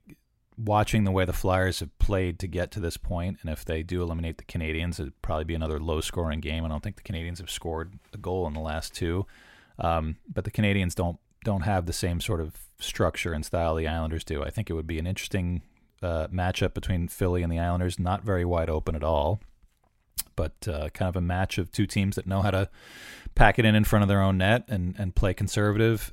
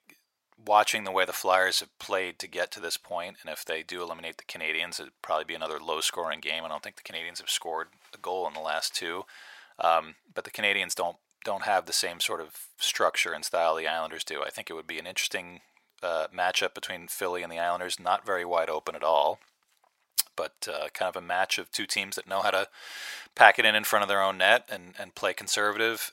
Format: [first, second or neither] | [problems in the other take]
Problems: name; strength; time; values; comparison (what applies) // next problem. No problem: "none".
first | thin; very; fading below 800 Hz